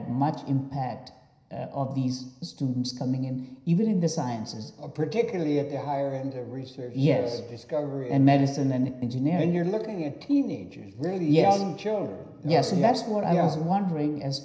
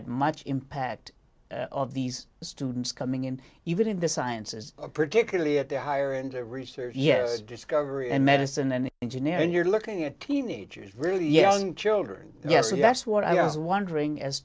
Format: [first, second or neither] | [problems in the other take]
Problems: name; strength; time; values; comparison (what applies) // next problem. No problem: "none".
second | room echo; dies away in 0.9 s